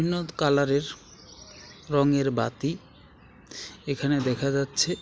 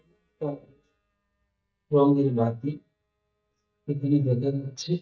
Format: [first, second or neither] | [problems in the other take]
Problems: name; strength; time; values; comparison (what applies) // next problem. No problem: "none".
first | noise reduction (neural mask model DeepFilterNet 3)